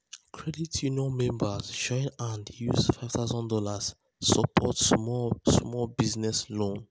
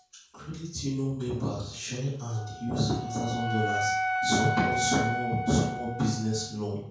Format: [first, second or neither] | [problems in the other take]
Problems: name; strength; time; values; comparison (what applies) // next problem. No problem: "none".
first | background sound (Wind instrument, woodwind instrument); 4 dB below the speech // room echo; dies away in 0.5 s